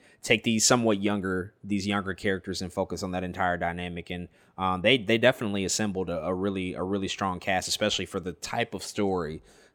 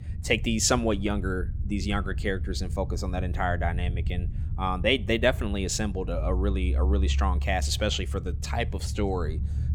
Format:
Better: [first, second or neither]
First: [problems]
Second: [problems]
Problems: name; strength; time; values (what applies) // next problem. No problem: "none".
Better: first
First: none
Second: low rumble; noticeable; throughout; 20 dB below the speech